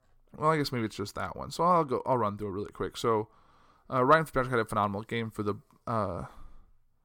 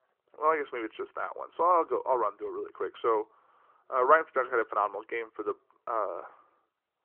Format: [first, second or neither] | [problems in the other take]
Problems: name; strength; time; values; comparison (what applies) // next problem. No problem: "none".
first | phone-call audio